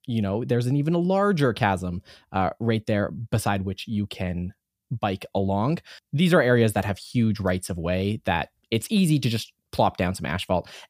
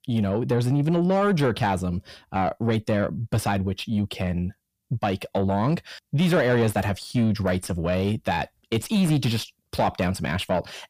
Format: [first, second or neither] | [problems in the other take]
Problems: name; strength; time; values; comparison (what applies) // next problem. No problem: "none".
first | distortion; slight; 10 dB below the speech